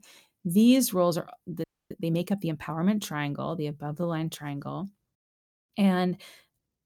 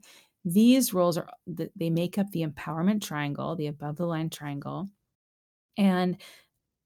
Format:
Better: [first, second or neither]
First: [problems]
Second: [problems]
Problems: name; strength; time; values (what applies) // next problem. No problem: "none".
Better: second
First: audio freezing; at 1.5 s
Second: none